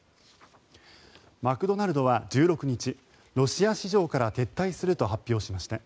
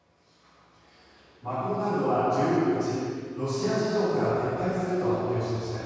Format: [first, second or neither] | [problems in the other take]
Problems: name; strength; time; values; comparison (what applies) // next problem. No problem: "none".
first | room echo; dies away in 2.2 s